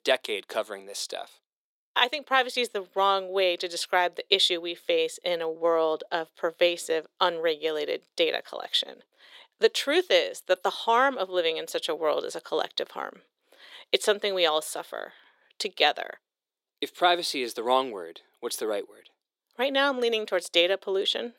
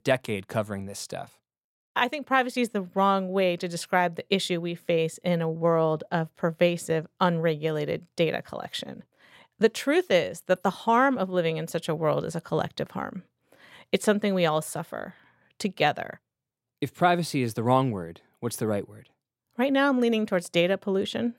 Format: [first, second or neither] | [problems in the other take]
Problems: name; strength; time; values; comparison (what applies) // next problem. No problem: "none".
second | thin; somewhat; fading below 350 Hz